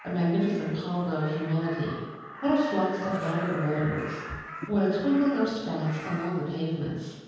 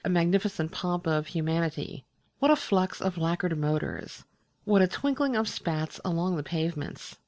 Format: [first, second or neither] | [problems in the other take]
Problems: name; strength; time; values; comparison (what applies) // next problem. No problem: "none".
second | background sound (Crow); 13 dB below the speech // room echo; dies away in 1.2 s